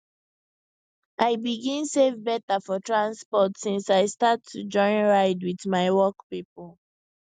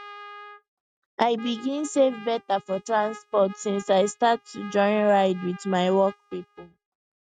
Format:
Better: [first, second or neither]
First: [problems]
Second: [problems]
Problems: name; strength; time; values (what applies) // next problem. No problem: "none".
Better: first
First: none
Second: noise reduction (neural mask model RNNoise)